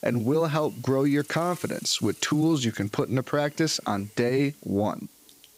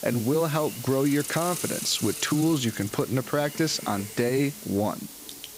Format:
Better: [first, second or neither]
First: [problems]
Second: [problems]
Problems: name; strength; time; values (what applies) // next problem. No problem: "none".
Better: first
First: hiss; faint; throughout; 20 dB below the speech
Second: hiss; loud; throughout; 9 dB below the speech